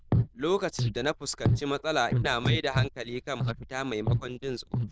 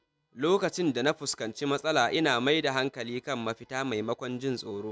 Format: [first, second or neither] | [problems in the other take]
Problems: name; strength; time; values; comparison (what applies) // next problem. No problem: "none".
second | noise reduction (neural diffusion model UNIVERSE++)